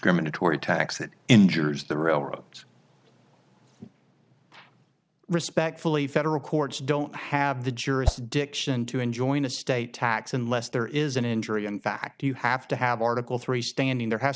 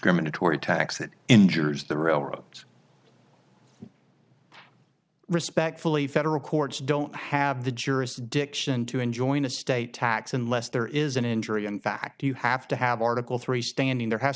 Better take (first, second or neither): second